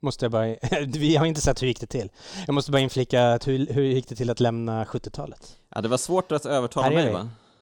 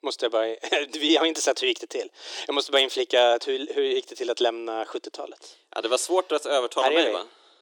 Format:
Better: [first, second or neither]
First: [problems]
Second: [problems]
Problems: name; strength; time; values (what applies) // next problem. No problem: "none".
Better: first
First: none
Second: thin; very; fading below 300 Hz